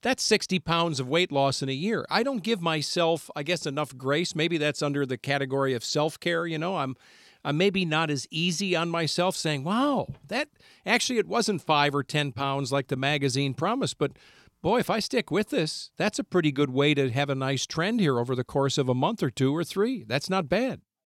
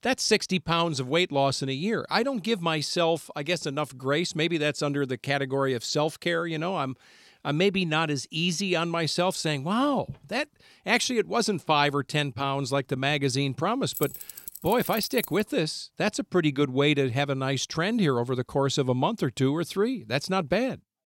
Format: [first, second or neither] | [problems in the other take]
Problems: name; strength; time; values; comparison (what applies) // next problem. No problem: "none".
first | jangling keys; noticeable; from 14 to 15 s; peak 8 dB below the speech